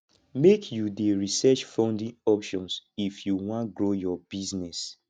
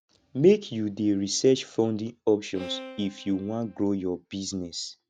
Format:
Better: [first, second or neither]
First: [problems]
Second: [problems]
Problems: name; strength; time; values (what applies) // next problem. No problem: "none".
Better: first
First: none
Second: background sound (Bowed string instrument); 16 dB below the speech